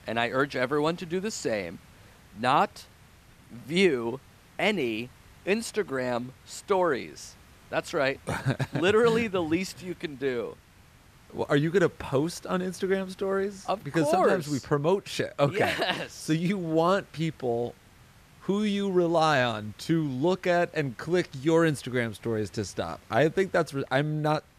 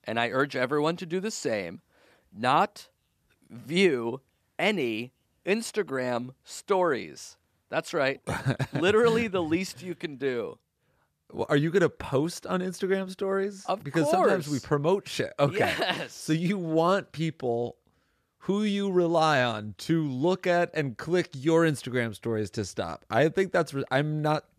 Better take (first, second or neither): second